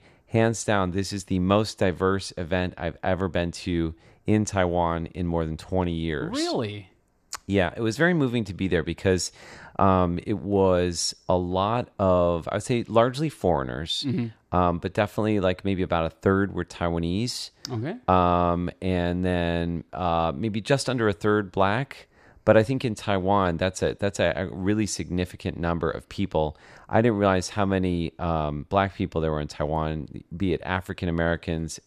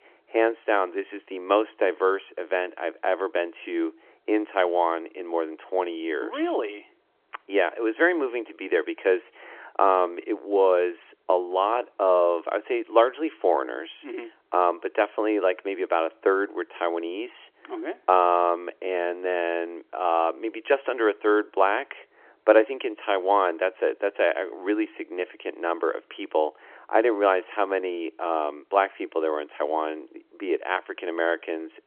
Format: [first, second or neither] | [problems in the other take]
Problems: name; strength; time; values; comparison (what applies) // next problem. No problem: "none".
first | phone-call audio